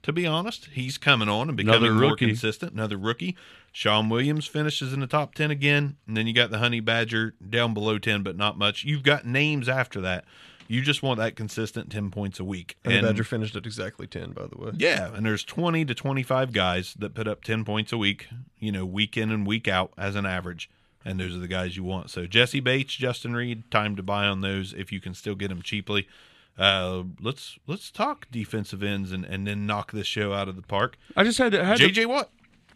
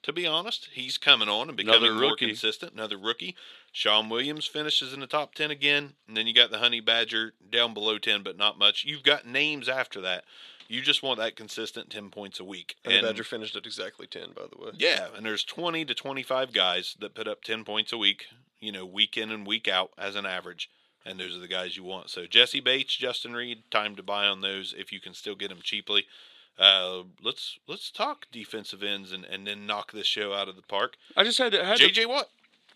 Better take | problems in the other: first | thin; somewhat; fading below 400 Hz

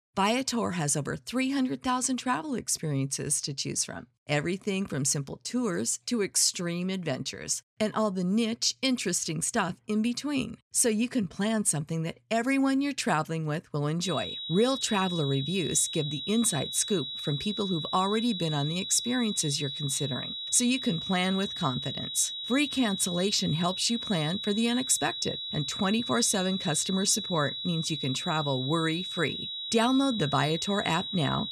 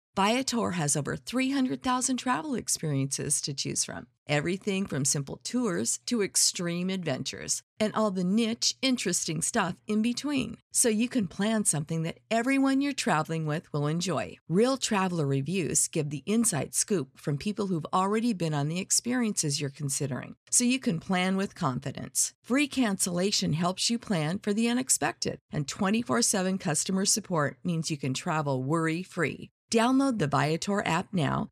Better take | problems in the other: second | high-pitched whine; loud; from 14 s on; 4 kHz, 5 dB below the speech

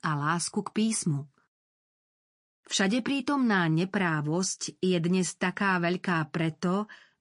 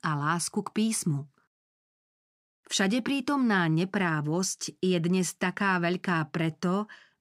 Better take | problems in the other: second | garbled, watery; slightly; nothing above 10.5 kHz

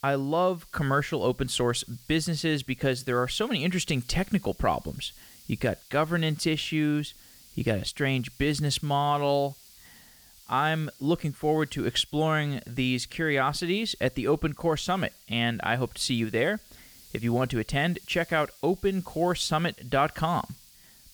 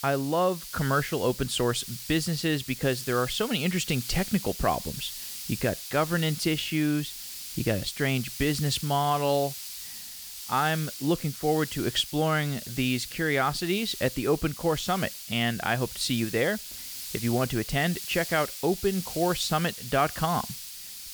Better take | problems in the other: first | hiss; loud; throughout; 9 dB below the speech; faint in the first

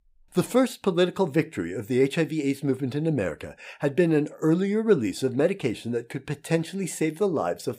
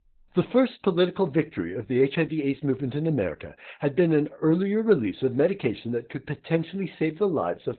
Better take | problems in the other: first | garbled, watery; badly; nothing above 4 kHz

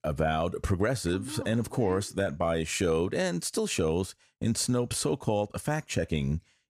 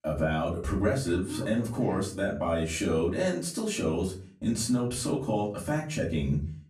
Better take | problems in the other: first | off-mic speech; far // room echo; slight; dies away in 0.3 s

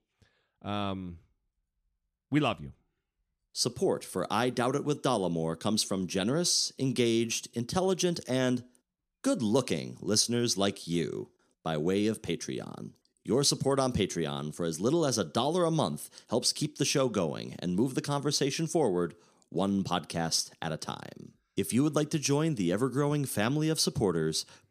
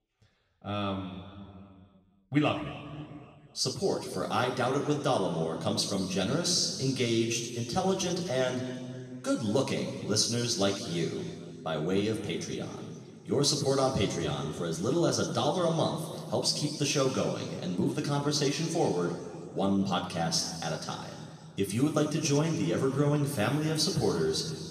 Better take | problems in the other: first | room echo; noticeable; dies away in 2.2 s // off-mic speech; somewhat distant

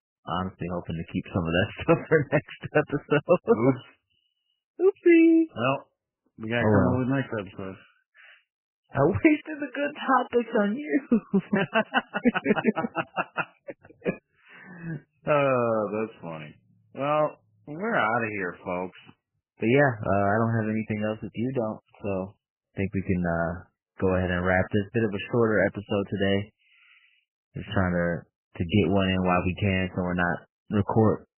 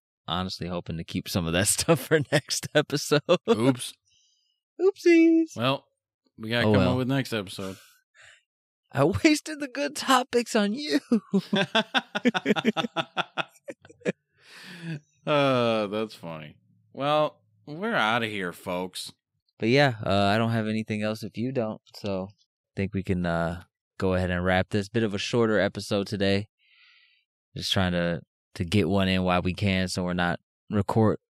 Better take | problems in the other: second | garbled, watery; badly; nothing above 3 kHz

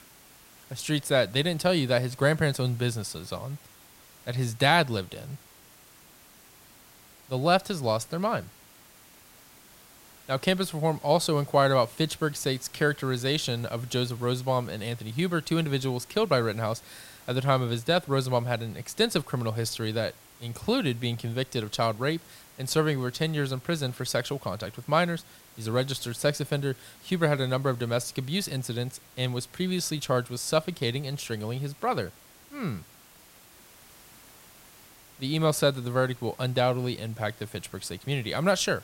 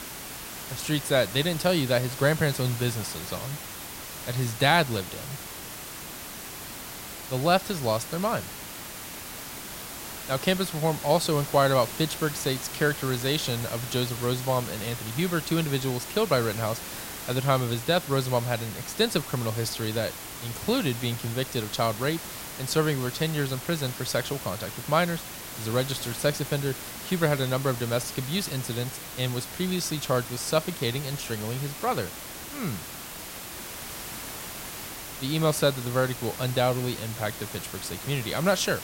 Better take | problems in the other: first | hiss; loud; throughout; 9 dB below the speech; faint in the first

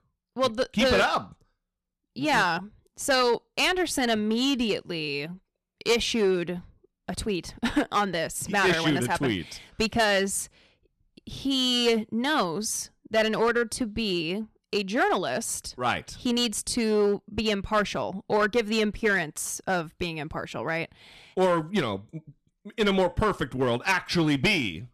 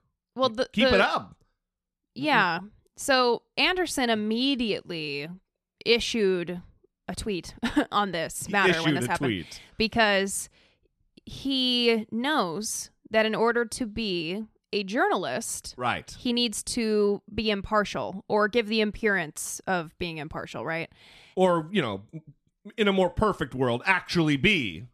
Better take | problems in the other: second | distortion; slight; 4% of the sound clipped

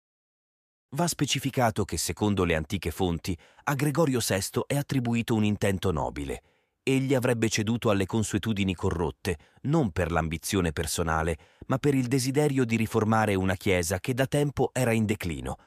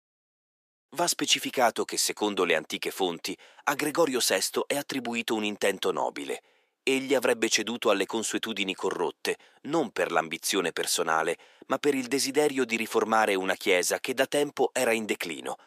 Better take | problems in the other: first | thin; somewhat; fading below 300 Hz

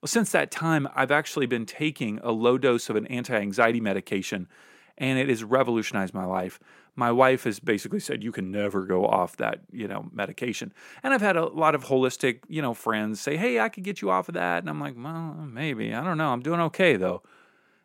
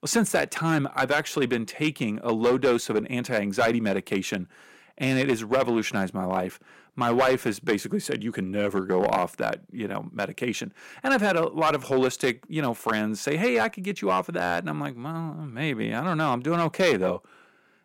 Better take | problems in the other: first | distortion; slight; 3% of the sound clipped

